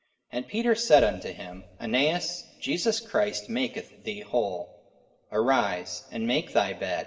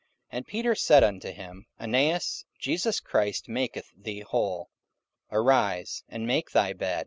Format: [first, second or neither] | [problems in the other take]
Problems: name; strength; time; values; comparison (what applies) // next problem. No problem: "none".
second | room echo; dies away in 2 s